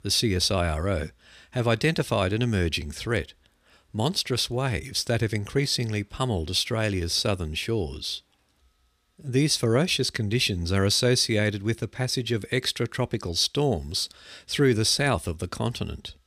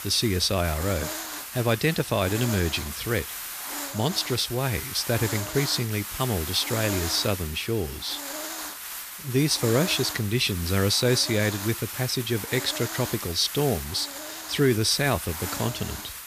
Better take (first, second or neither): first